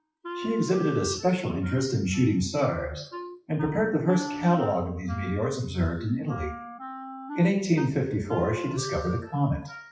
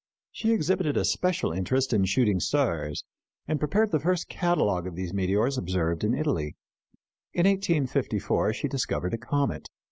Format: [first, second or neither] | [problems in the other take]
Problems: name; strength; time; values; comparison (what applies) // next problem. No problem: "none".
second | noise reduction (classical method WPE with log-MMSE)